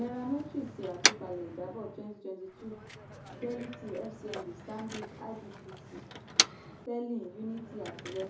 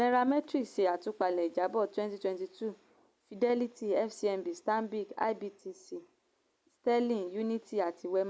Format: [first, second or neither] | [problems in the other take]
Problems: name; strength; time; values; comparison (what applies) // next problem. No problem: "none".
second | background sound (Motor vehicle (road)); 3 dB above the speech // room echo; dies away in 0.6 s